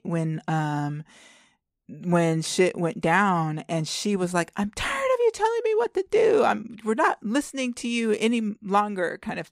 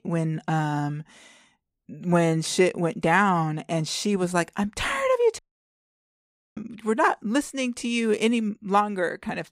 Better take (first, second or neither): first